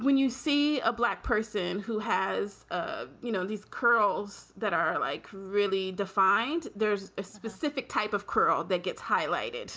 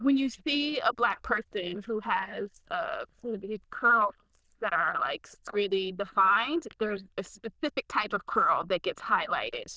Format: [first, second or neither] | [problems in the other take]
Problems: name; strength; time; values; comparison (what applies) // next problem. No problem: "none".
first | noise reduction (neural diffusion model UNIVERSE++)